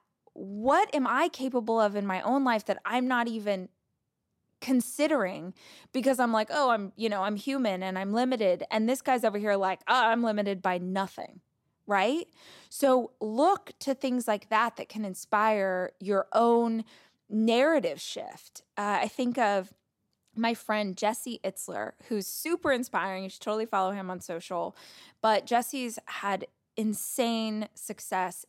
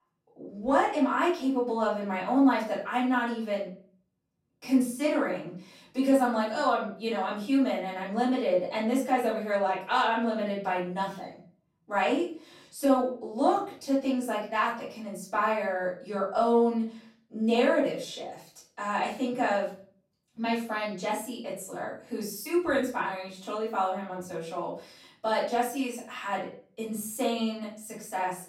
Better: first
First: none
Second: room echo; noticeable; dies away in 0.4 s // off-mic speech; far

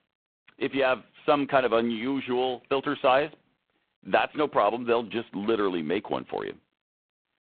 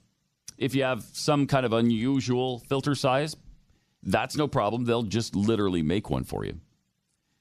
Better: second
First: phone-call audio; poor line; nothing above 3.5 kHz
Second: none

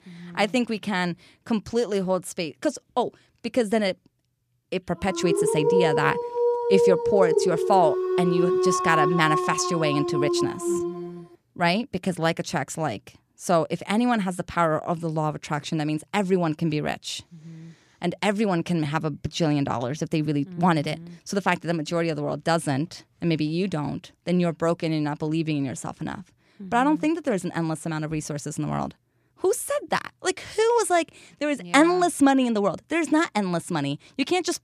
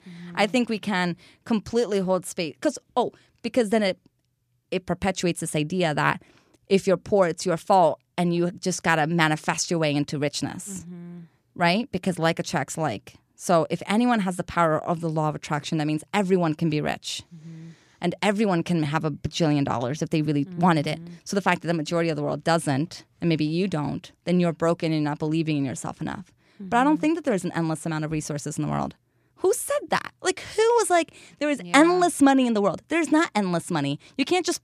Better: second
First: dog barking; loud; from 5 to 11 s; peak 4 dB above the speech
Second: none

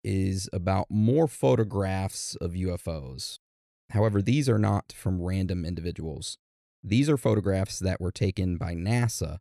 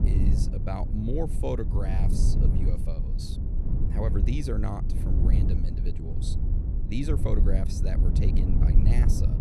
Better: first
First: none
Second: low rumble; loud; throughout; 3 dB below the speech

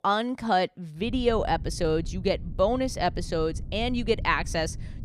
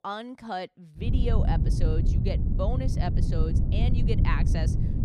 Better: first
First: wind noise on the microphone; occasional gusts; from 1 s on; 25 dB below the speech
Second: wind noise on the microphone; heavy; from 1 s on; 4 dB below the speech

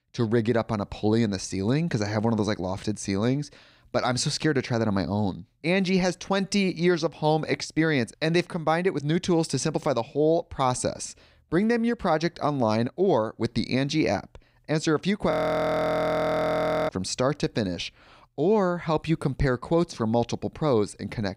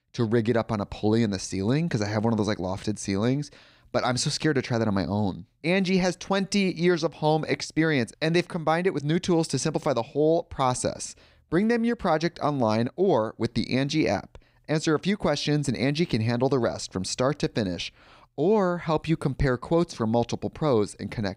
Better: second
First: audio freezing; at 15 s for 1.5 s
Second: none

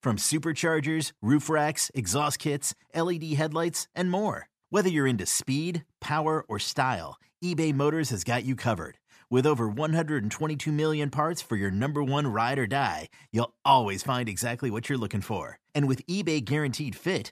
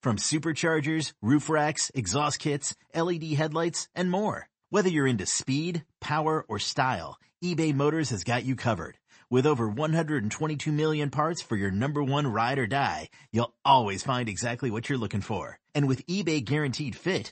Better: first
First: none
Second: garbled, watery; slightly; nothing above 8 kHz

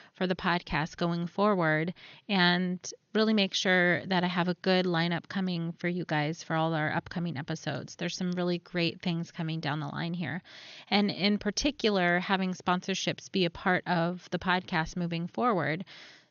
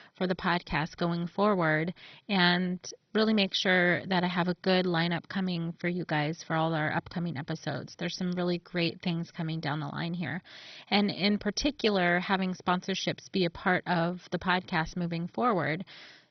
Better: first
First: garbled, watery; slightly; nothing above 6.5 kHz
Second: garbled, watery; badly; nothing above 6 kHz

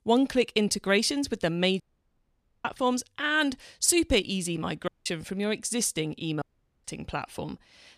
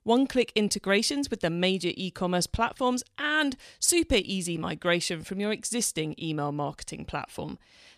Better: second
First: audio cutting out; at 2 s for 1 s, at 5 s and at 6.5 s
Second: none

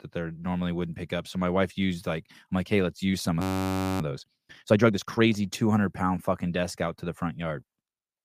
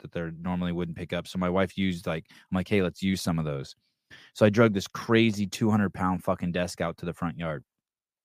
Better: second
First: audio freezing; at 3.5 s for 0.5 s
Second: none

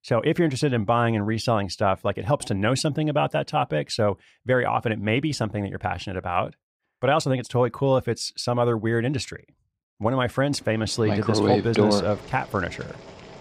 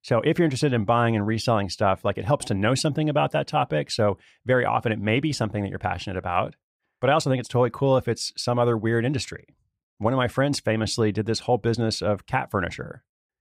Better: second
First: household noises; very loud; from 11 s on; as loud as the speech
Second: none

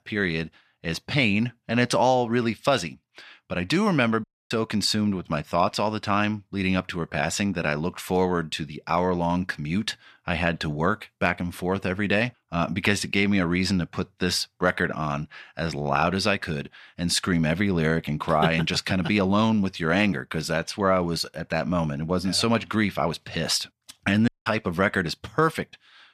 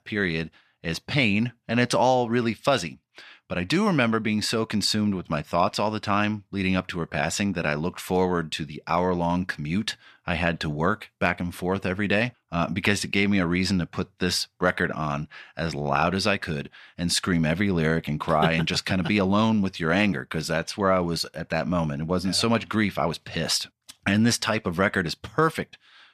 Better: second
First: audio cutting out; at 4 s and at 24 s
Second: none

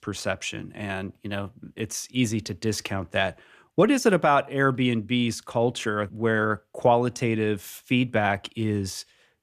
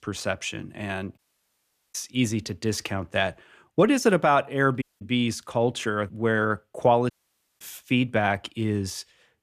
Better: first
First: none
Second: audio cutting out; at 1 s for 1 s, at 5 s and at 7 s for 0.5 s

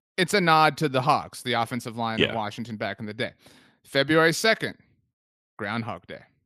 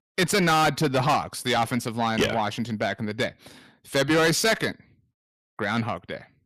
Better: first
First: none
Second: distortion; heavy; 6 dB below the speech

